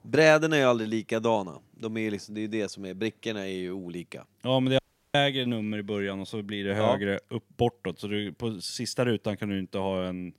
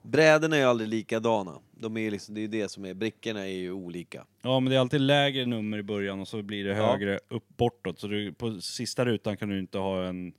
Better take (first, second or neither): second